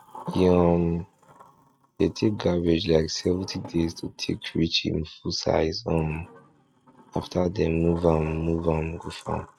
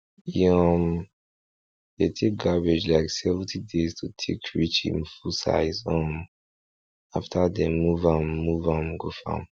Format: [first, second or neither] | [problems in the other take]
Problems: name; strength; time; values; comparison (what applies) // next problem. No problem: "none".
second | noise reduction (neural mask model RNNoise)